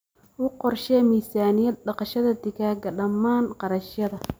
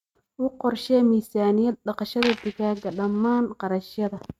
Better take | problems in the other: first | noise reduction (neural mask model RNNoise)

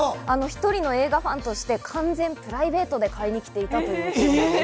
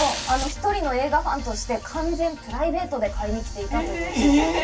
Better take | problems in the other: first | background sound (Fire); 12 dB below the speech // room echo; dies away in 0.2 s

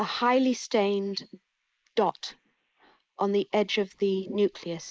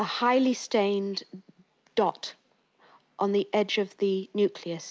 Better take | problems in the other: second | noise reduction (neural mask model Resemble Enhance denoiser)

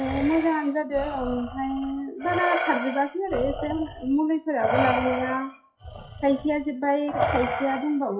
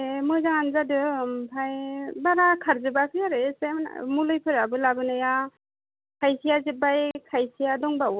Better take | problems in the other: second | noise reduction (classical method WPE with log-MMSE)

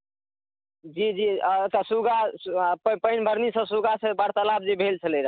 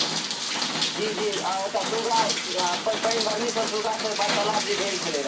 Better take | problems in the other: first | background sound (Rain); as loud as the speech // room echo; dies away in 0.4 s

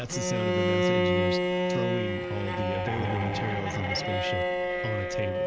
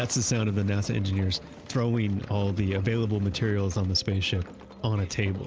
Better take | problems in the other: second | background sound (Bowed string instrument); 5 dB above the speech

